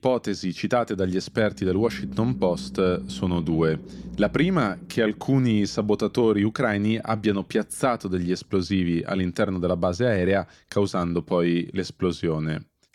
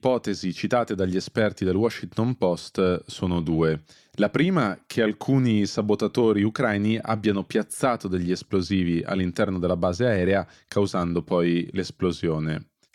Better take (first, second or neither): second